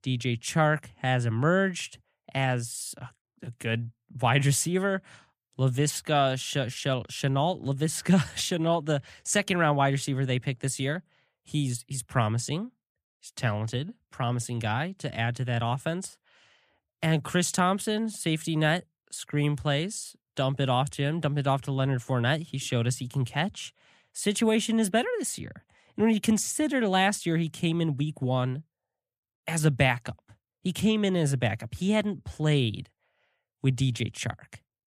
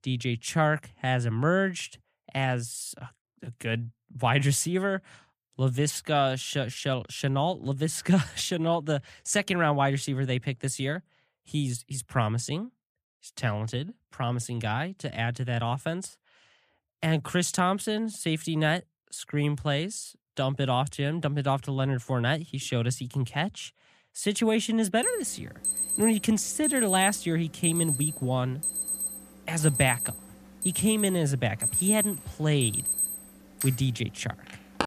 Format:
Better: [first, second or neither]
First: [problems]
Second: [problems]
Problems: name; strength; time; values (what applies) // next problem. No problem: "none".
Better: first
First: none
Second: alarm; loud; from 25 s on; peak 4 dB above the speech